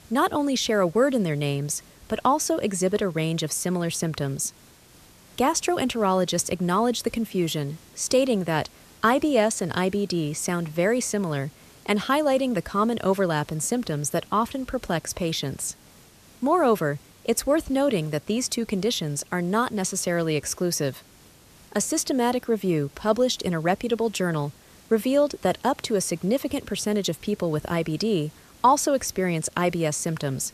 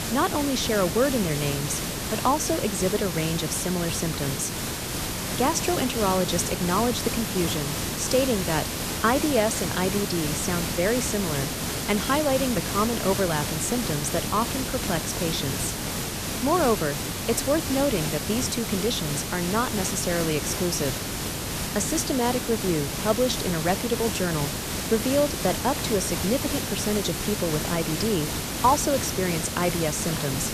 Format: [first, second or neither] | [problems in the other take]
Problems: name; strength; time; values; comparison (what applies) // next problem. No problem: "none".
first | hiss; loud; throughout; 2 dB below the speech; faint in the first